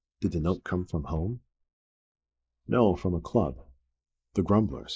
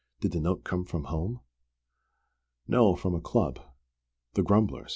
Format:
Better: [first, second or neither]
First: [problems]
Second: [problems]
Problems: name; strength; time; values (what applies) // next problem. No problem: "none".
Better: second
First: noise reduction (neural mask model Resemble Enhance denoiser)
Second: none